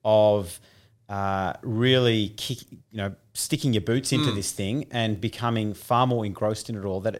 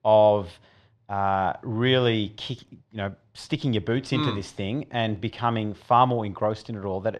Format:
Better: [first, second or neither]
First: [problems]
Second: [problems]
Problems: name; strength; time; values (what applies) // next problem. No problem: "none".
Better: first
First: none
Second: muffled; slightly; fading above 3 kHz